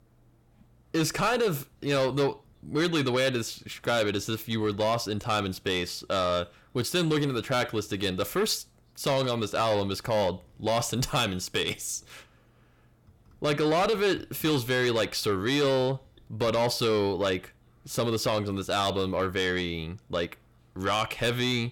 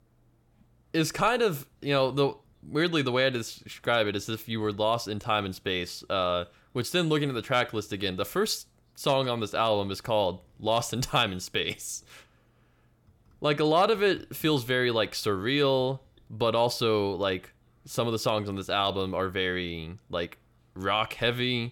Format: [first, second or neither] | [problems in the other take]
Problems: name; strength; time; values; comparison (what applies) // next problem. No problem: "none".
second | distortion; slight; 10 dB below the speech